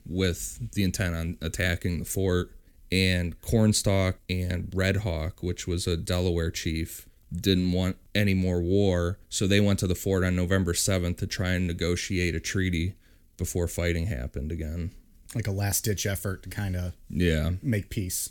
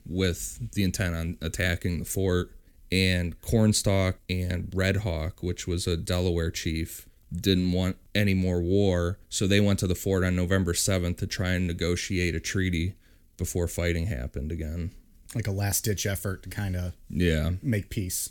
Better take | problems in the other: neither | none

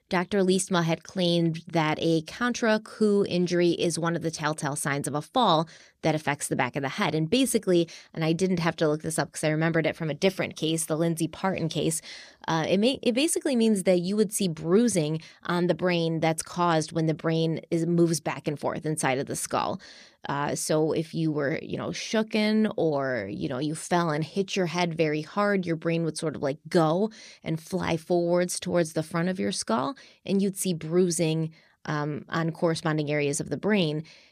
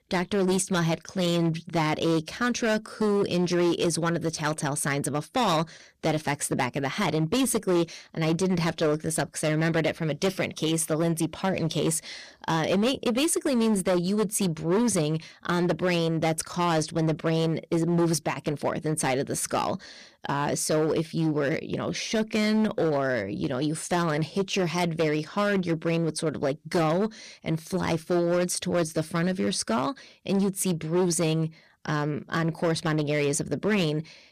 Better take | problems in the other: first | distortion; slight; 11% of the sound clipped

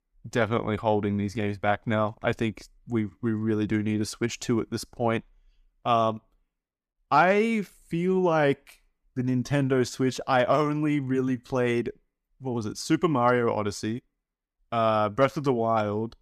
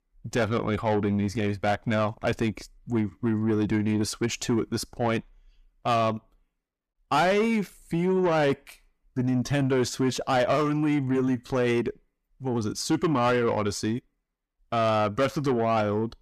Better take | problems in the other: first | distortion; slight; 10 dB below the speech

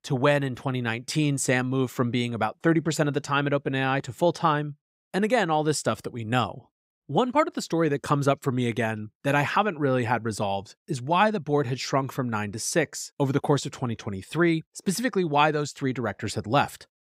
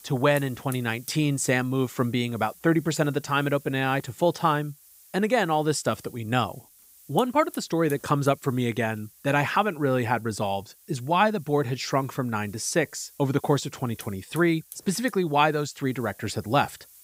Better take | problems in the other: first | hiss; faint; throughout; 20 dB below the speech

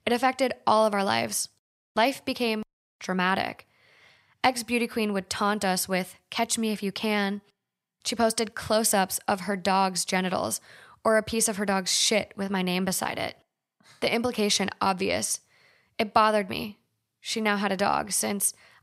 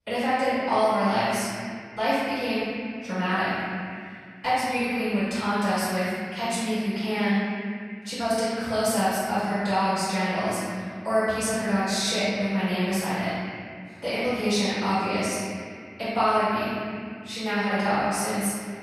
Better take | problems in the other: first | off-mic speech; far // room echo; strong; dies away in 2.6 s

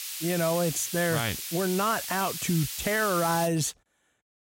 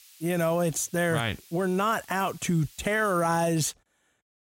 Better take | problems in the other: second | hiss; loud; until 3.5 s; 6 dB below the speech; faint in the second

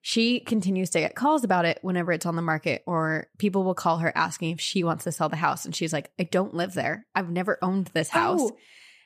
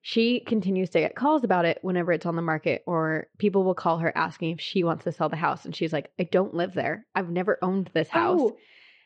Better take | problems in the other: first | muffled; slightly; fading above 4 kHz

